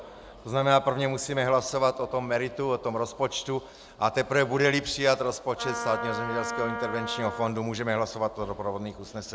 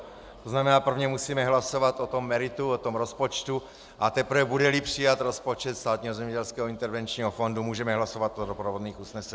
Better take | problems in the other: second | background sound (Wind instrument, woodwind instrument); 7 dB below the speech

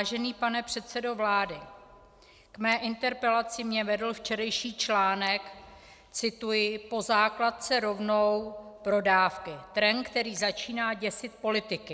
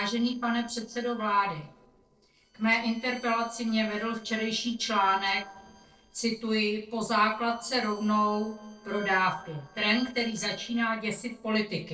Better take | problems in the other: first | noise reduction (neural separator model SepFormer DNS4)

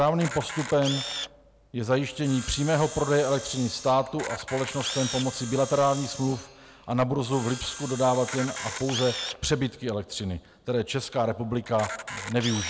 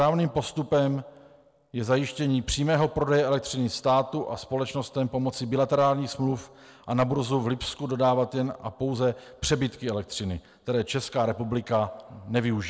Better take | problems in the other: second | background sound (Sawing + Camera); 11 dB below the speech

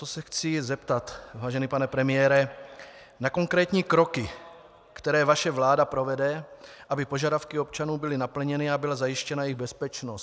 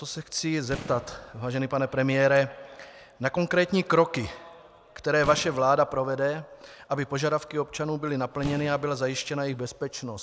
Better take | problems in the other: first | background sound (Boom); 17 dB below the speech

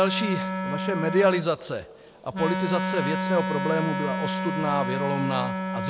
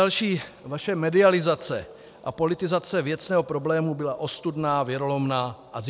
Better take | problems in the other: second | background sound (Wind instrument, woodwind instrument); 2 dB below the speech

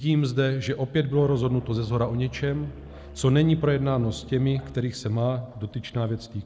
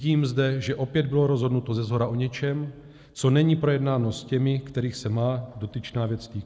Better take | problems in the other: second | background sound (Musical instrument); 18 dB below the speech

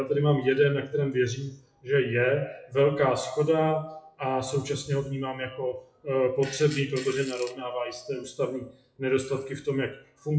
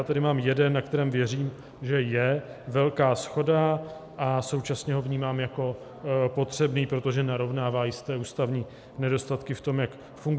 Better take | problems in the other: second | noise reduction (classical method WPE with log-MMSE)

